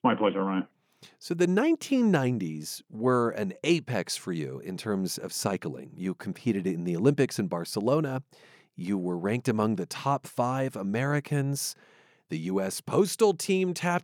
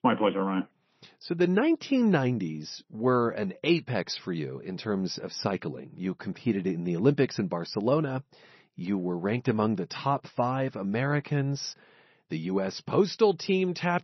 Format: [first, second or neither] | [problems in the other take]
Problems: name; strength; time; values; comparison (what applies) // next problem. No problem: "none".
first | garbled, watery; slightly; nothing above 6 kHz